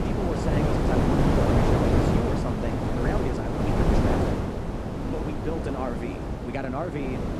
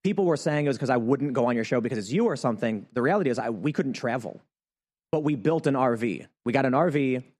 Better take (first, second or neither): second